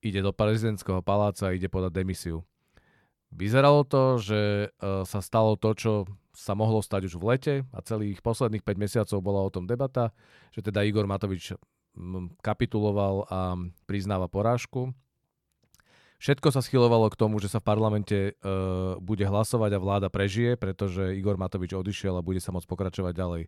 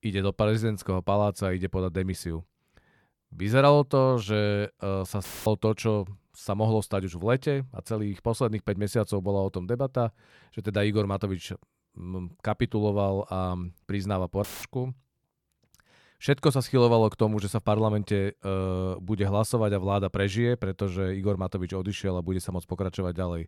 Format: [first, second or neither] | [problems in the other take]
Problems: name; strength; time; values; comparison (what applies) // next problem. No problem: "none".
first | audio cutting out; filled with static; at 5 s and at 14 s